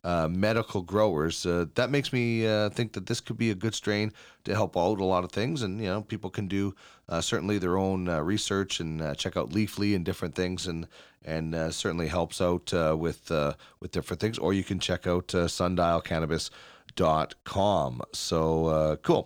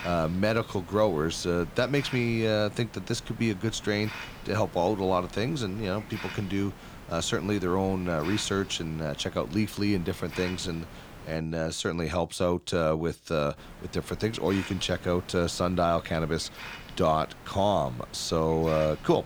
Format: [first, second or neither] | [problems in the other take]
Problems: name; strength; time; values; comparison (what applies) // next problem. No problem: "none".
first | hiss; noticeable; until 11 s and from 14 s on; 15 dB below the speech